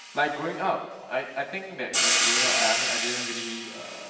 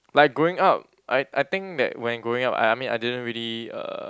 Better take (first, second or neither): second